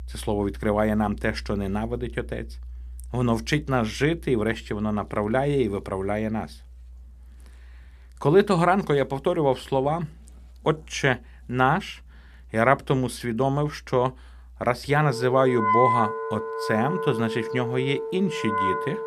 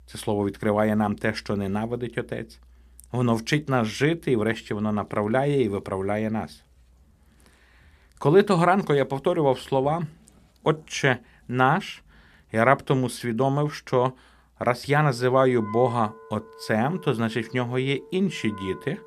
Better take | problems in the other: second | background music; loud; throughout; 6 dB below the speech; faint in the second

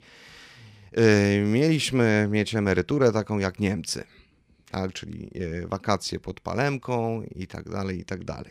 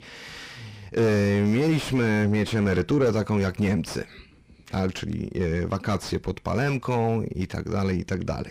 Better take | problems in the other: first | distortion; heavy; 5 dB below the speech

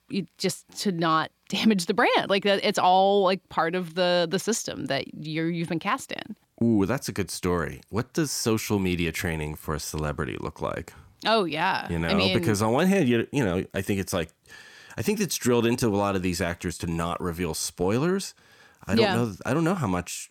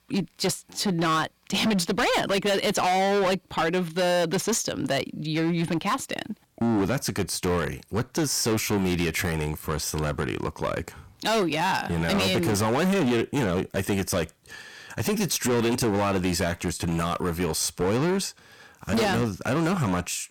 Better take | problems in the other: first | distortion; heavy; 19% of the sound clipped

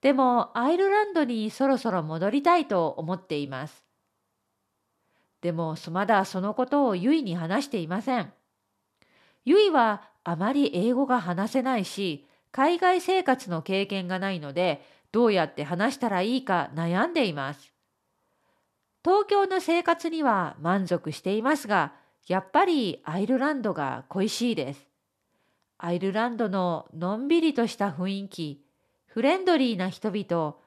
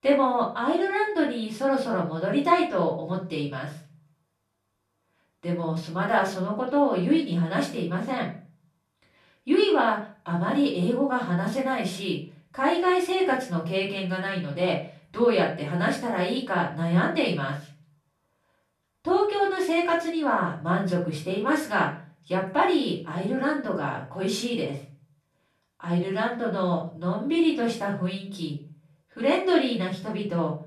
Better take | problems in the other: first | off-mic speech; far // room echo; slight; dies away in 0.4 s

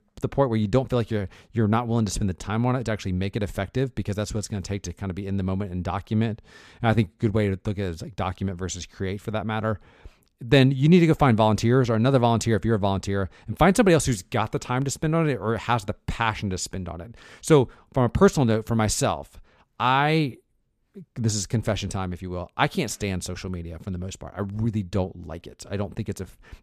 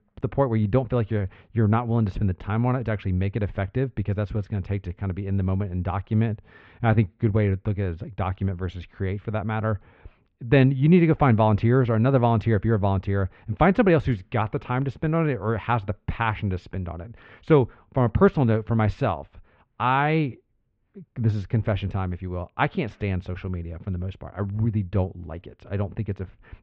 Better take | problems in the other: first | muffled; very; fading above 3 kHz

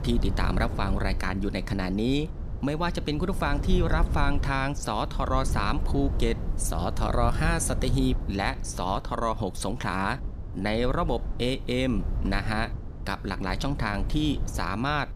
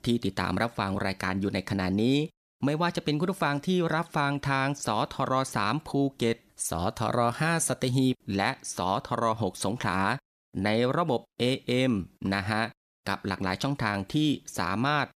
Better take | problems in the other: second | low rumble; noticeable; throughout; 15 dB below the speech

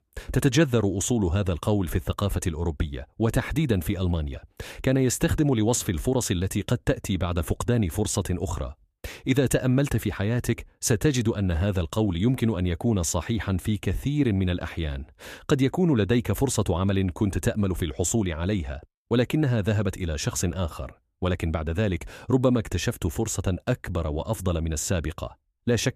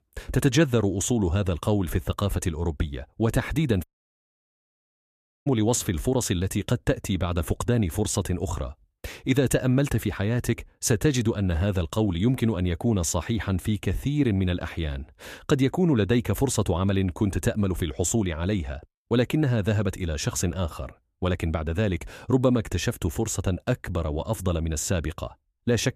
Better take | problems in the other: first | audio cutting out; at 4 s for 1.5 s

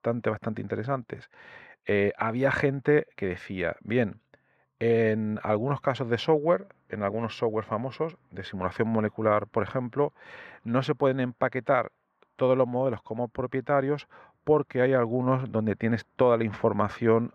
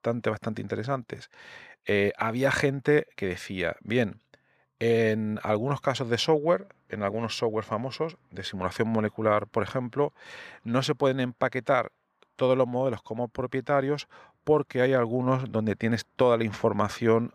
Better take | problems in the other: second | muffled; slightly; fading above 3.5 kHz

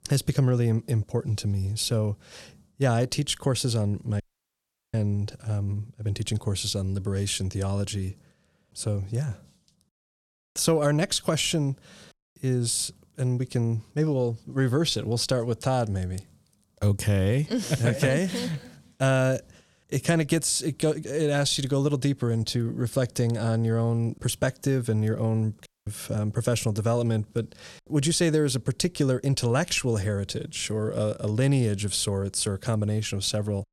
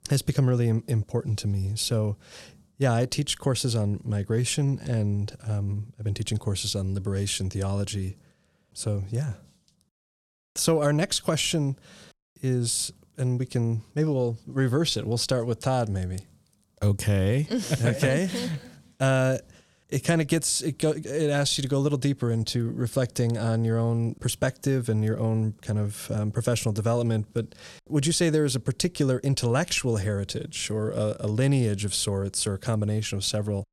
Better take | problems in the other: second | audio cutting out; at 4 s for 0.5 s and at 26 s

